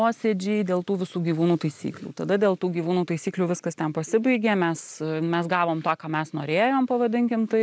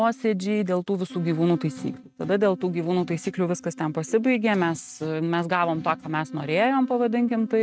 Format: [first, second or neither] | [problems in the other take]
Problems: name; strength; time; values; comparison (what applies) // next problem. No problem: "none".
first | noise reduction (neural mask model RNNoise)